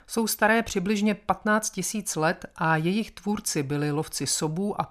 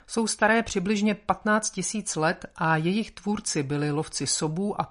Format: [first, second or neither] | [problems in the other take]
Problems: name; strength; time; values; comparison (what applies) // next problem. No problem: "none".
first | garbled, watery; slightly; nothing above 10.5 kHz